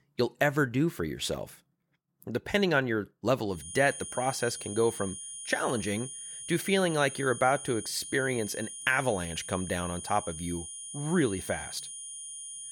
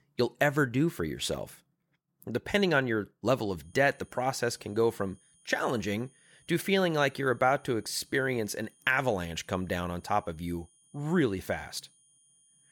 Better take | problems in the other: second | high-pitched whine; loud; from 3.5 s on; 9.5 kHz, 9 dB below the speech; faint in the second

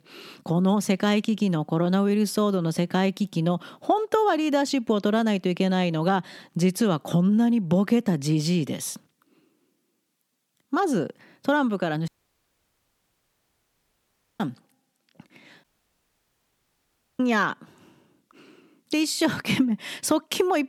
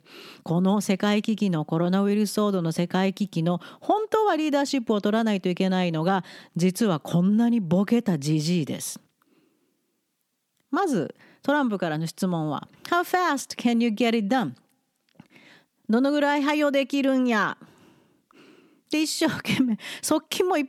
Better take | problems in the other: second | audio cutting out; at 12 s for 2.5 s and at 16 s for 1.5 s

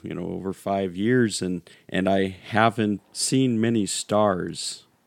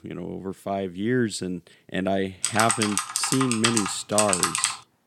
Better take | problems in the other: first | keyboard typing; loud; from 2.5 s on; peak 5 dB above the speech

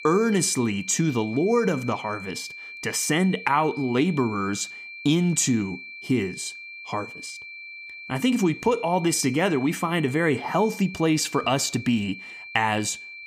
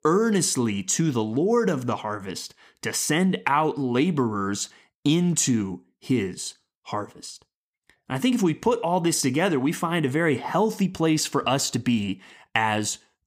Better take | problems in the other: second | high-pitched whine; noticeable; throughout; 2.5 kHz, 15 dB below the speech

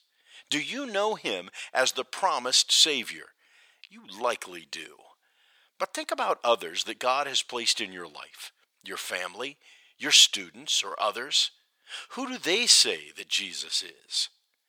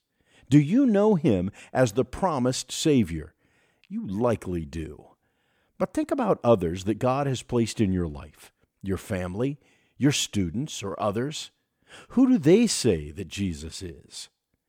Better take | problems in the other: second | thin; very; fading below 950 Hz

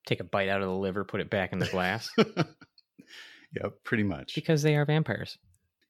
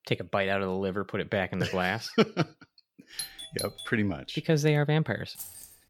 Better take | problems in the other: first | doorbell; noticeable; at 3 s; peak 8 dB below the speech // jangling keys; faint; at 5.5 s; peak 10 dB below the speech

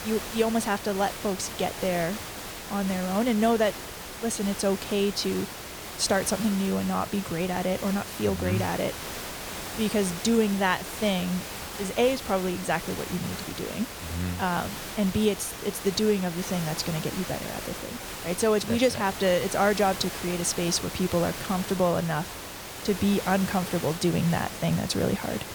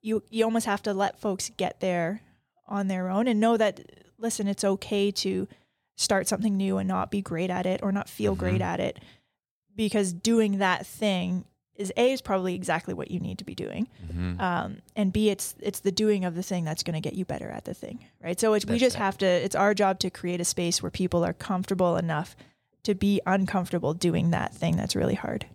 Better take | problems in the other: second | hiss; loud; throughout; 8 dB below the speech

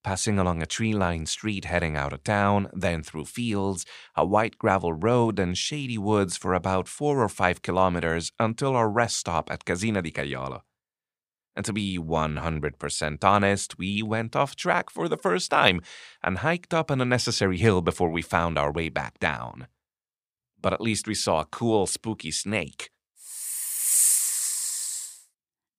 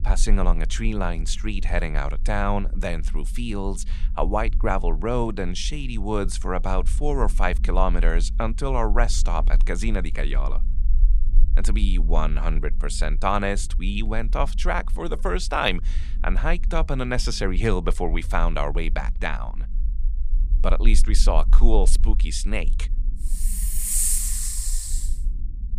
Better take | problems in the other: first | low rumble; faint; throughout; 25 dB below the speech

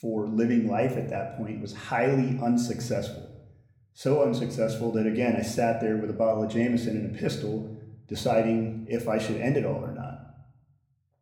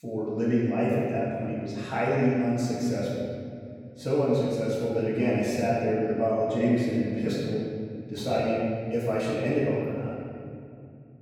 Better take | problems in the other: first | room echo; strong; dies away in 2.3 s; slight in the first // off-mic speech; far

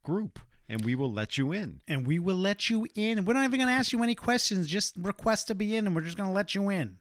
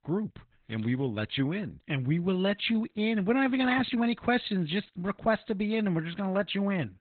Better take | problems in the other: first | garbled, watery; badly; nothing above 4 kHz; slightly in the first

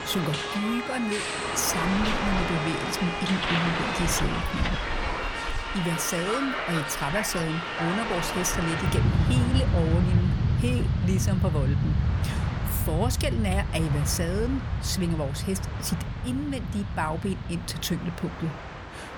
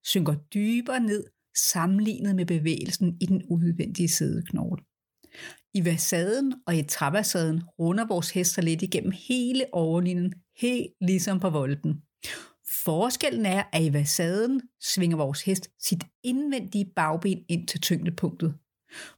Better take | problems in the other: second | train or aircraft noise; very loud; throughout; 1 dB above the speech

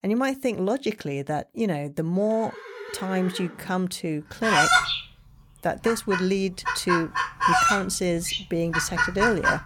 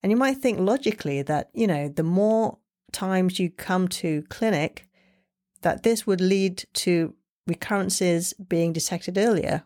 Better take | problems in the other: second | animal sounds; very loud; from 2.5 s on; 3 dB above the speech

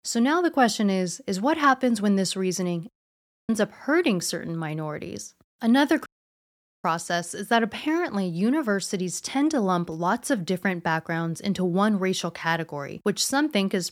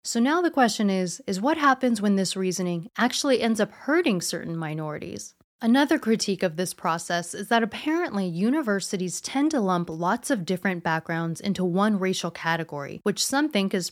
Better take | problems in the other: second | audio cutting out; at 3 s for 0.5 s and at 6 s for 1 s

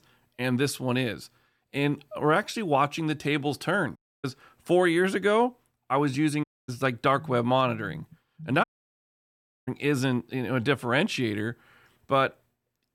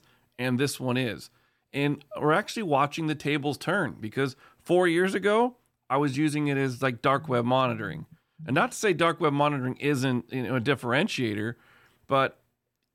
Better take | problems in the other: second | audio cutting out; at 4 s, at 6.5 s and at 8.5 s for 1 s

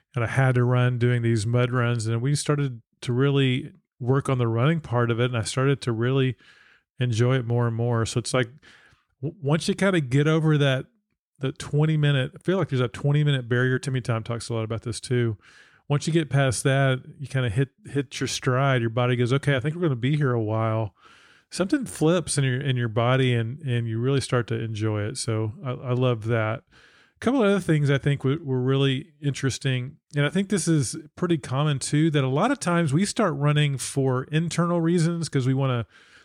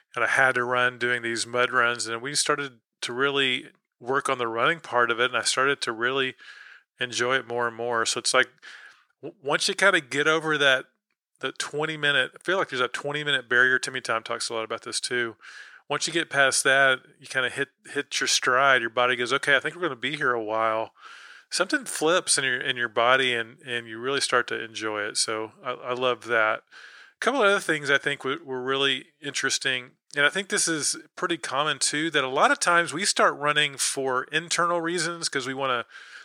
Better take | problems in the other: first | thin; very; fading below 550 Hz

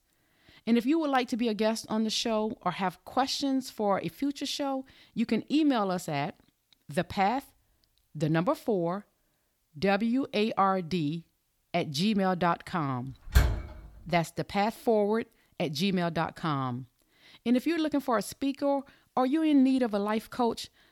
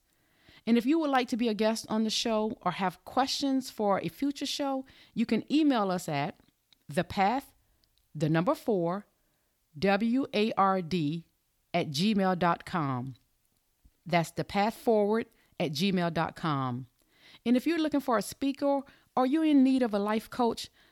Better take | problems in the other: second | door banging; loud; at 13 s; peak 2 dB above the speech

